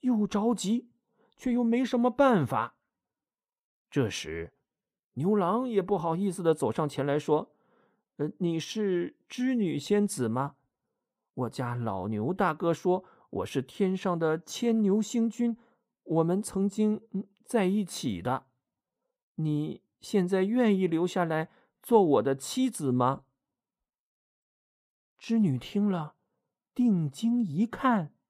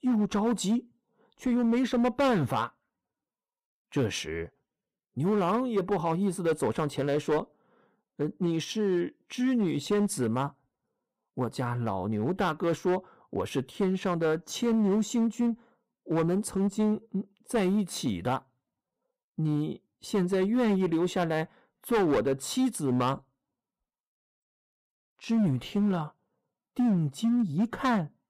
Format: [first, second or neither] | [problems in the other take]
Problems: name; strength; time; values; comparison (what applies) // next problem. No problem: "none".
first | distortion; slight; 7% of the sound clipped